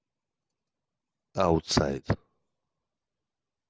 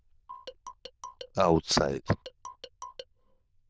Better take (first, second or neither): first